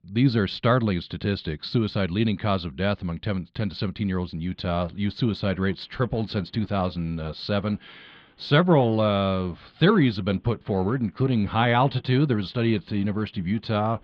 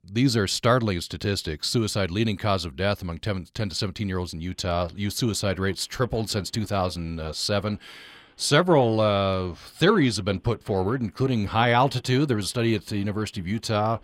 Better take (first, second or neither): second